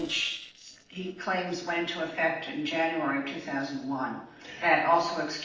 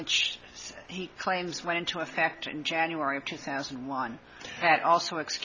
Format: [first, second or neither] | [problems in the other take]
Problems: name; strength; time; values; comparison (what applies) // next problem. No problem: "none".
second | noise reduction (neural separator model SepFormer DNS4)